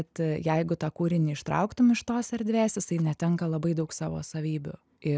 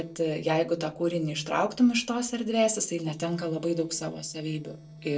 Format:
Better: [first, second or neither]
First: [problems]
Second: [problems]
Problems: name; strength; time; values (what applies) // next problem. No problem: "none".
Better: first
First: none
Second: noise reduction (neural separator model SepFormer DNS4)